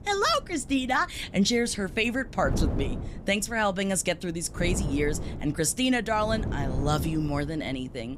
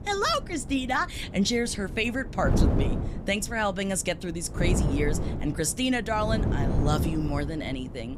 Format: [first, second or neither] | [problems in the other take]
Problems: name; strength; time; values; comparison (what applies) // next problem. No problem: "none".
first | wind noise on the microphone; heavy; 9 dB below the speech; occasional gusts in the first